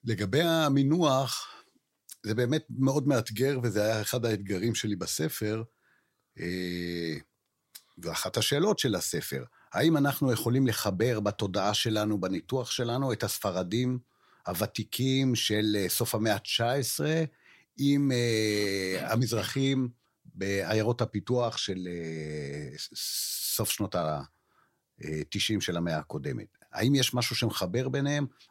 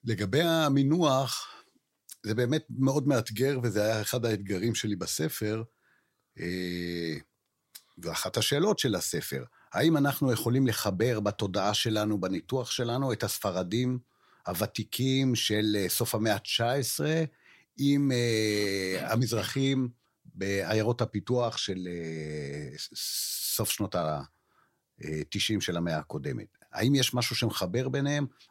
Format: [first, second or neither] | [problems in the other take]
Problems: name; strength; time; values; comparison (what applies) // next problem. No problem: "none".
neither | none